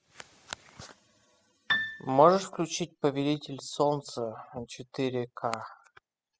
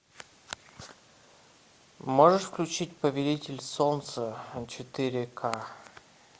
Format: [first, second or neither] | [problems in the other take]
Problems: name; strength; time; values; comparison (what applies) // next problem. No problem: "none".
second | noise reduction (classical method spectral subtraction)